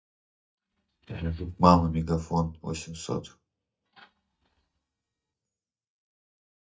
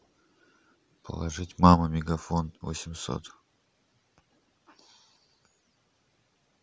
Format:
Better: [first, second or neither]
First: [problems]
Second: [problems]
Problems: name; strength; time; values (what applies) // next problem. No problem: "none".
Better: second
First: noise reduction (neural mask model DeepFilterNet 3)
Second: none